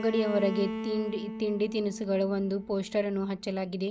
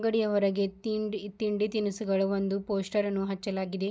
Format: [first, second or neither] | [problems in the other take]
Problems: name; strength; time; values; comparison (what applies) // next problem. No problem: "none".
second | background sound (Bowed string instrument); 8 dB below the speech